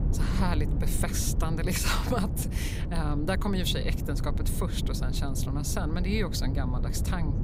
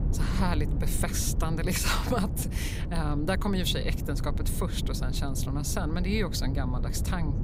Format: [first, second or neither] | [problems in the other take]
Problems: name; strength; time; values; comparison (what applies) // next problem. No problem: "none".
second | wind noise on the microphone; heavy; 9 dB below the speech; occasional gusts in the second